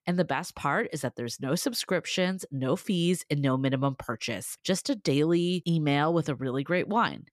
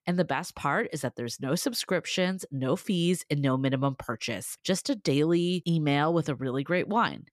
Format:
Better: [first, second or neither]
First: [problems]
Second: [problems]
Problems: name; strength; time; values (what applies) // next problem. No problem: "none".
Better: neither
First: none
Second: none